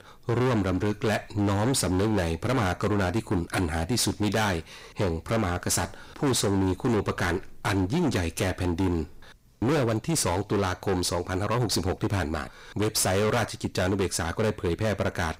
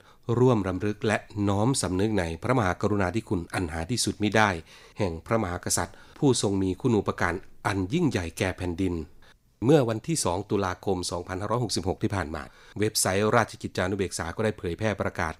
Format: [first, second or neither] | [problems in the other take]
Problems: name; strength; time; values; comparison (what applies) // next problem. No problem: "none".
second | distortion; heavy; 25% of the sound clipped